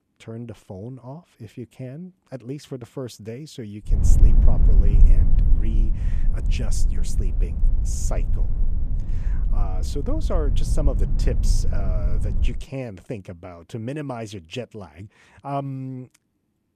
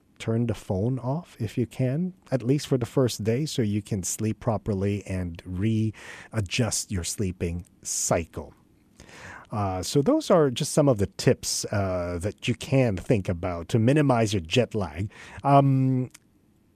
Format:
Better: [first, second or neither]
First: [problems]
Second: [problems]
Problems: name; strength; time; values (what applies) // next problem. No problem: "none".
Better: second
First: low rumble; loud; from 4 to 13 s; 6 dB below the speech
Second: none